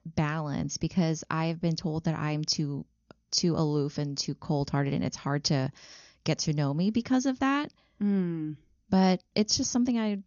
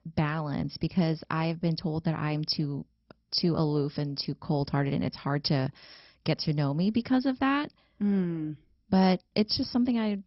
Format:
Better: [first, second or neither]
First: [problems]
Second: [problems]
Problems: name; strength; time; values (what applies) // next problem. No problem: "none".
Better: first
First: garbled, watery; slightly; nothing above 6.5 kHz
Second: garbled, watery; badly; nothing above 5.5 kHz